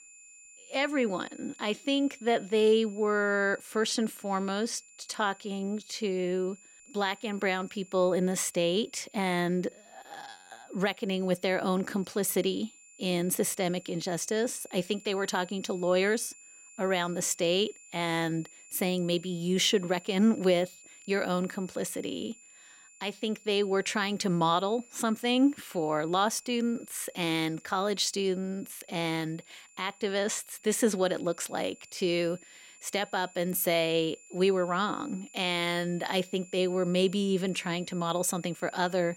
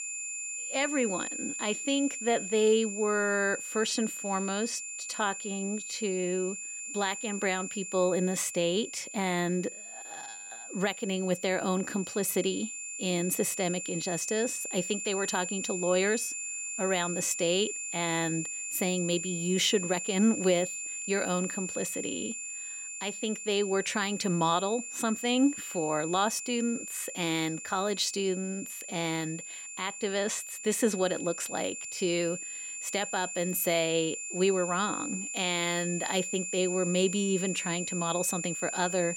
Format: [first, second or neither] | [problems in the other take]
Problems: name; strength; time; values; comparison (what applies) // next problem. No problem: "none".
first | high-pitched whine; loud; throughout; 7 kHz, 5 dB below the speech; faint in the first